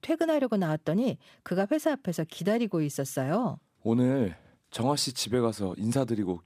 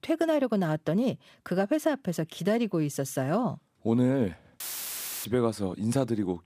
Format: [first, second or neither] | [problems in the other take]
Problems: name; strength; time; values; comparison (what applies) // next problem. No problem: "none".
first | audio cutting out; filled with static; at 4.5 s for 0.5 s